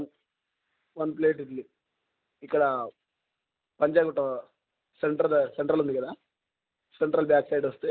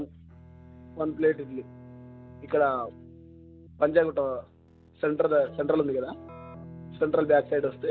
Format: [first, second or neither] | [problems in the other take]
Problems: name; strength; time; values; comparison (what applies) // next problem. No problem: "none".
first | background sound (Bowed string instrument + Keyboard (musical)); 19 dB below the speech